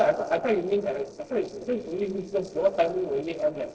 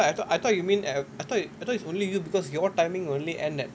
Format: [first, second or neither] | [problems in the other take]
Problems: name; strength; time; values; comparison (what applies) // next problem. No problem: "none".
second | noise reduction (neural separator model SepFormer DNS4)